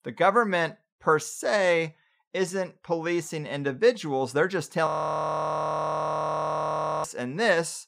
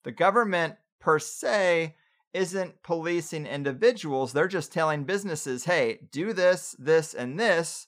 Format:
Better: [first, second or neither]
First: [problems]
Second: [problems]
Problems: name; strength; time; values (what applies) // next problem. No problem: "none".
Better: second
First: audio freezing; at 5 s for 2 s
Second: none